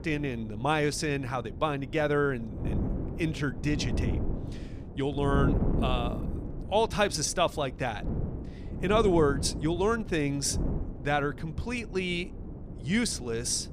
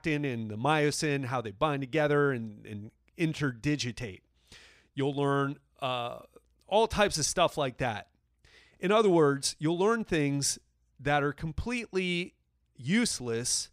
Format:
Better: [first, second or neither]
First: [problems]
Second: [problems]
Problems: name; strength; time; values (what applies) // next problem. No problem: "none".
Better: second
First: wind noise on the microphone; occasional gusts; 15 dB below the speech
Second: none